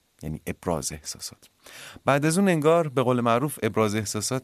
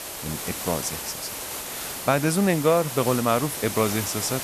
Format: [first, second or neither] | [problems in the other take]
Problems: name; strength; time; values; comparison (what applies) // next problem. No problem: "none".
first | hiss; loud; throughout; 6 dB below the speech